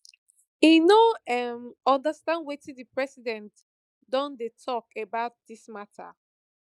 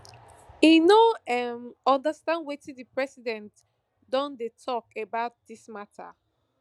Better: second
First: noise reduction (neural mask model Resemble Enhance denoiser)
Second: none

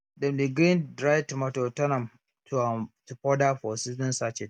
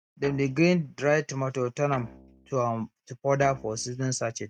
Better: first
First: none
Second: noise reduction (neural mask model RNNoise)

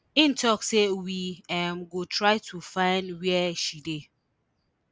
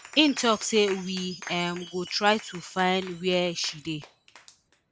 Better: first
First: none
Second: background sound (Clapping + Chime); 17 dB below the speech

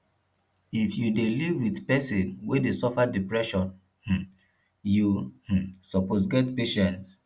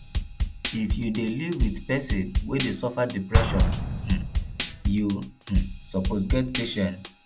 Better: first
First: none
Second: background sound (Explosion + Drum kit); 1 dB above the speech

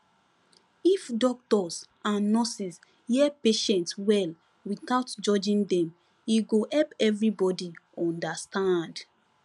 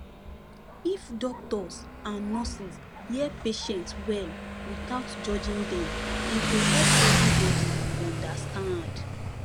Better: first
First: none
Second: background sound (Motorcycle); 5 dB above the speech

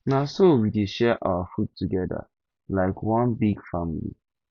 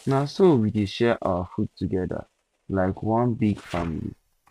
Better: first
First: none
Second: noise reduction (neural mask model RNNoise)

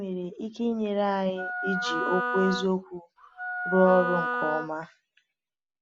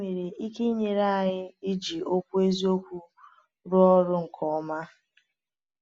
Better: second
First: background sound (Wind instrument, woodwind instrument); 3 dB below the speech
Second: none

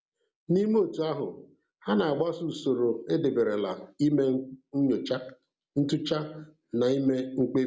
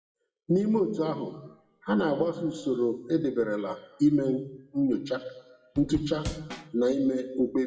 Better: first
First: none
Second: noise reduction (classical method WPE with log-MMSE)

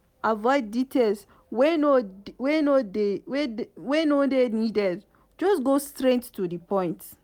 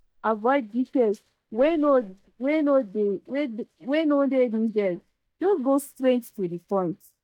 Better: first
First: none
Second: noise reduction (neural mask model DeepFilterNet 3)

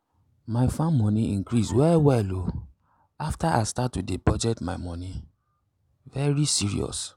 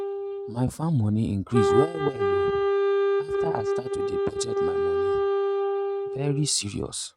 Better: first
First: none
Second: noise reduction (neural mask model RNNoise)

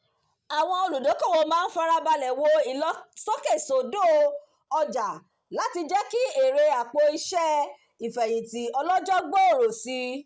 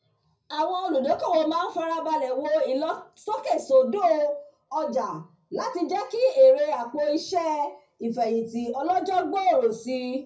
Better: first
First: none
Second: room echo; dies away in 0.4 s

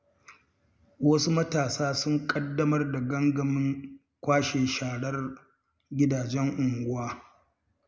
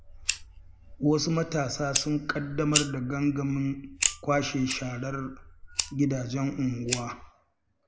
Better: first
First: none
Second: background sound (Fire); 6 dB below the speech

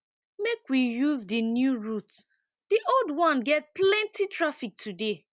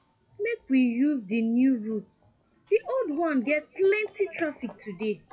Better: first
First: none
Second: noise reduction (classical method WPE with log-MMSE)

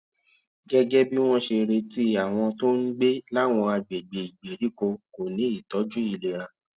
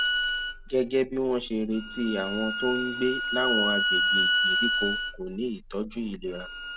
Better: first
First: none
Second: background sound (Bowed string instrument); 1 dB above the speech

